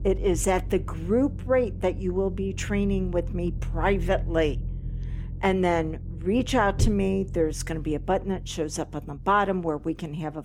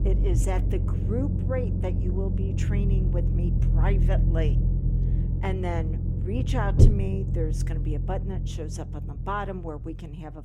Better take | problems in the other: first | low rumble; loud; throughout; 4 dB below the speech; faint in the first

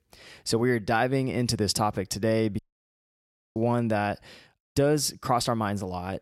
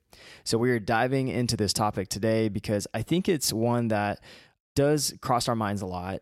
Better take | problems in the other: second | audio cutting out; at 2.5 s for 1 s

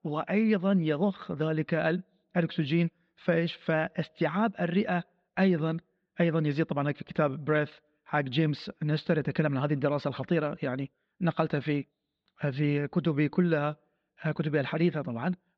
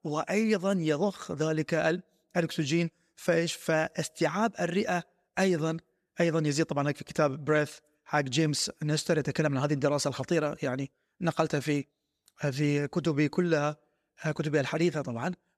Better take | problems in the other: second | muffled; slightly; fading above 3.5 kHz

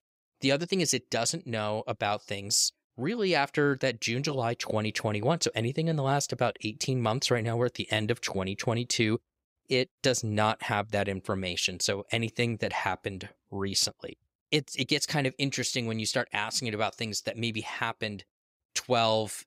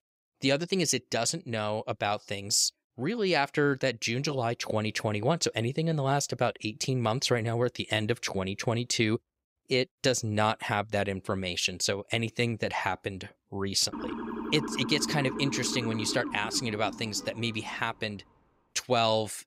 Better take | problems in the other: first | siren; noticeable; from 14 to 18 s; peak 6 dB below the speech

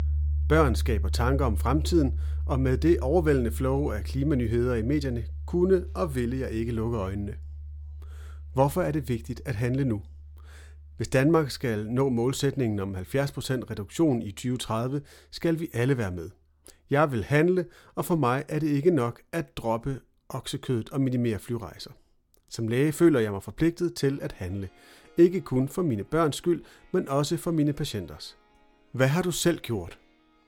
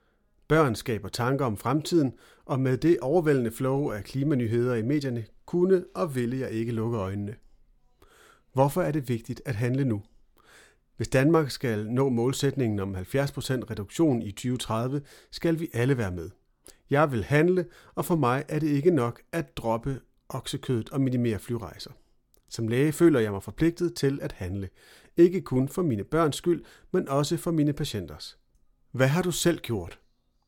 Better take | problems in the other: second | background music; loud; throughout; 7 dB below the speech

